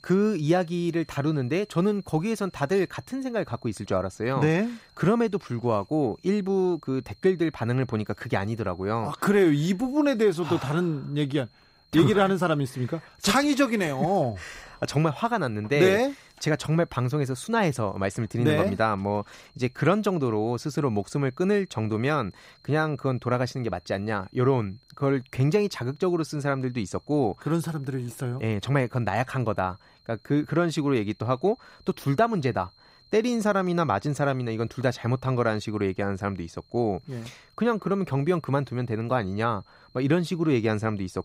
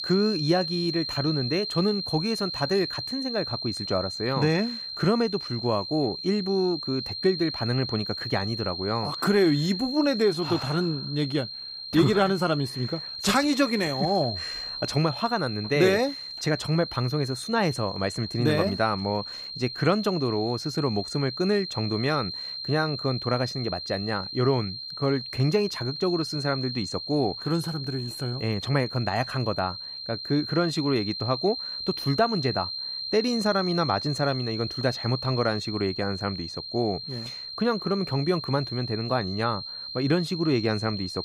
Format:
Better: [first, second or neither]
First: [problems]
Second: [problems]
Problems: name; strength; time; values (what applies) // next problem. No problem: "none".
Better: first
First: high-pitched whine; faint; throughout; 4 kHz, 30 dB below the speech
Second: high-pitched whine; loud; throughout; 4 kHz, 6 dB below the speech